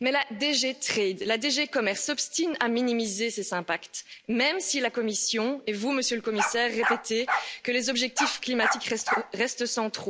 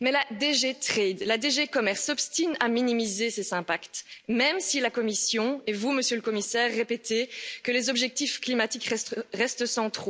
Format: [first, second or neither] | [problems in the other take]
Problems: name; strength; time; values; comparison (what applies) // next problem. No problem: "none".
second | background sound (Bark); 3 dB below the speech